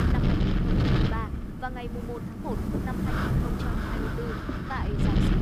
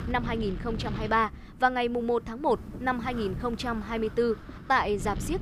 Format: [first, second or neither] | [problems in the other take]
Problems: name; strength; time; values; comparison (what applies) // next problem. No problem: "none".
second | wind noise on the microphone; heavy; 5 dB above the speech; occasional gusts in the second